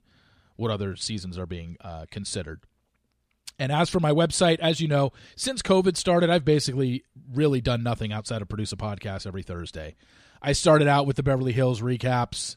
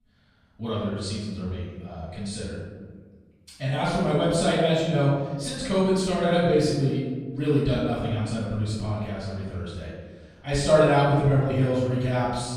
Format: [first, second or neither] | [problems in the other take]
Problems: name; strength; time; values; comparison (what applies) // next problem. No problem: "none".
first | room echo; strong; dies away in 1.5 s // off-mic speech; far